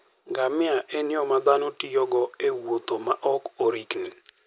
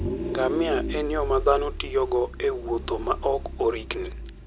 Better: first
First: none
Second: background sound (Vehicle); 6 dB below the speech

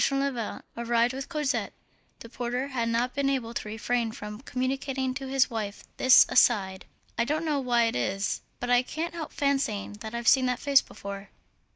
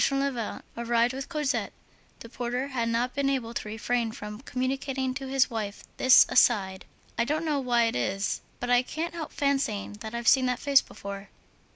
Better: second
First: noise reduction (neural mask model DeepFilterNet 3)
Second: none

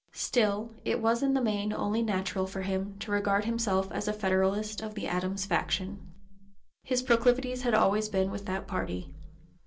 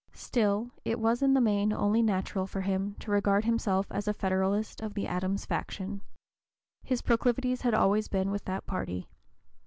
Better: second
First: room echo; dies away in 0.2 s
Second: none

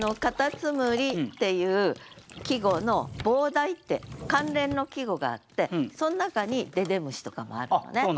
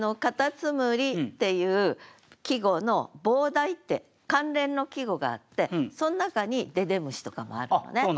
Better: second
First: background sound (Drawer open or close + Liquid); 17 dB below the speech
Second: none

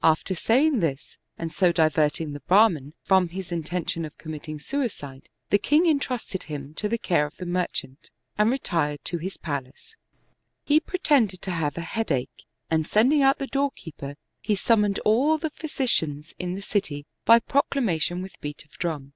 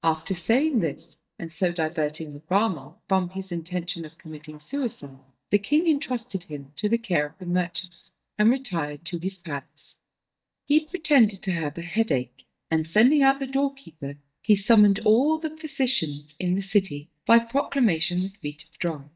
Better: first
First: none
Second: noise reduction (neural mask model DeepFilterNet 3)

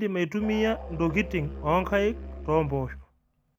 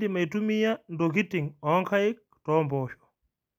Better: second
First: background sound (Musical instrument); 11 dB below the speech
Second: none

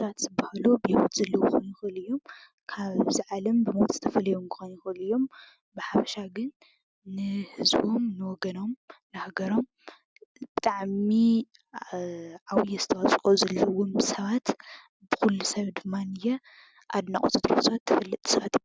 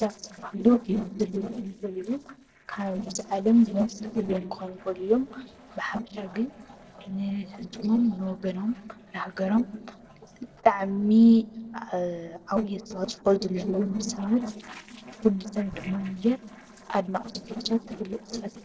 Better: first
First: none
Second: noise reduction (neural separator model SepFormer DNS4)

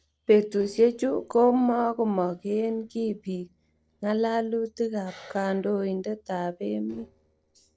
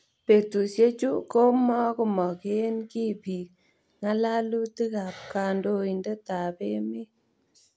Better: second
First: noise reduction (neural separator model SepFormer DNS4)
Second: none

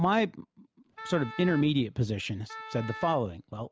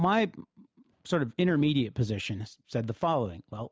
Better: second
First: background sound (Wind instrument, woodwind instrument); 15 dB below the speech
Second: none

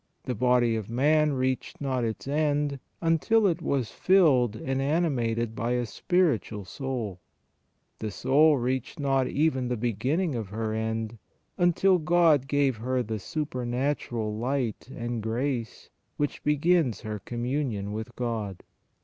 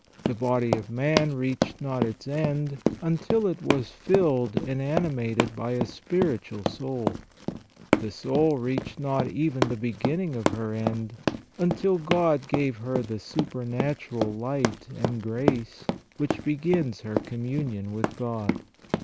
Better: first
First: none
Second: background sound (Run); 3 dB below the speech

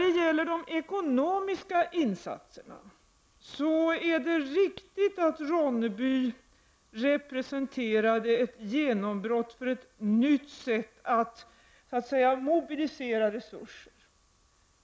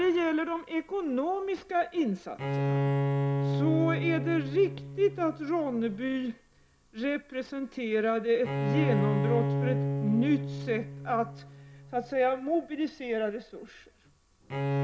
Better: first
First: none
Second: background sound (Bowed string instrument); 3 dB below the speech // room echo; dies away in 0.3 s

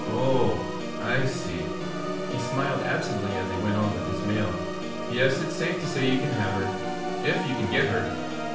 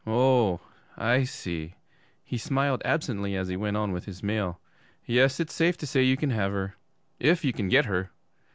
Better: second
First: background sound (Organ); 3 dB below the speech // room echo; dies away in 0.5 s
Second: none

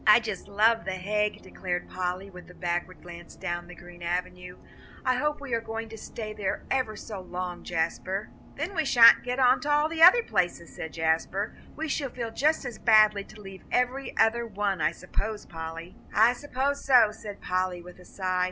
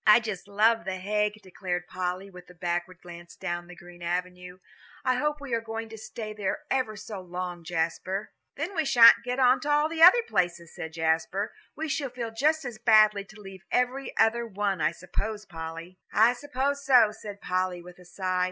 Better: second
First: background sound (Bus); 20 dB below the speech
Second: none

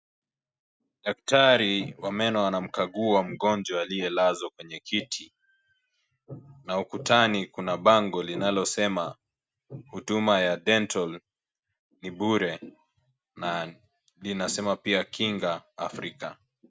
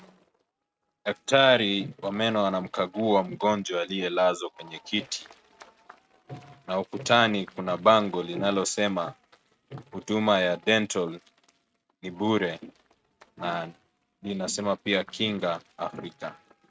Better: first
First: none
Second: noise reduction (neural mask model RNNoise)

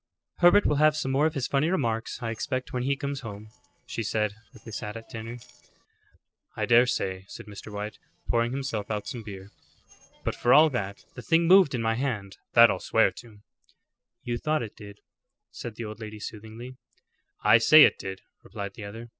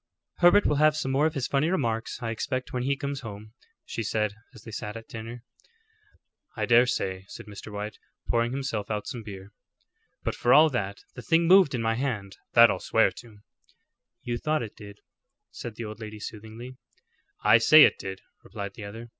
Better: second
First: noise reduction (neural separator model SepFormer DNS4)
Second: none

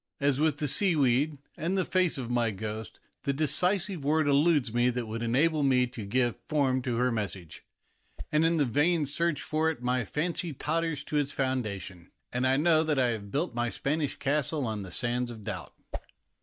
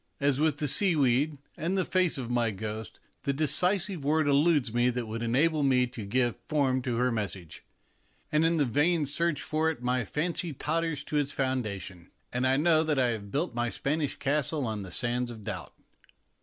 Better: second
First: noise reduction (neural mask model DeepFilterNet 3)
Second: none

